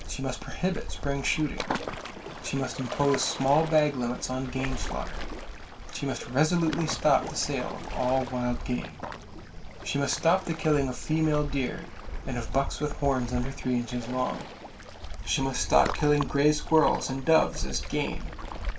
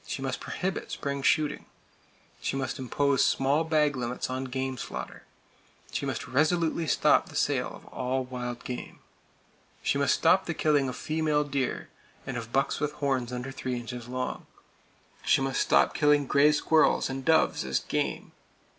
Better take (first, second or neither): second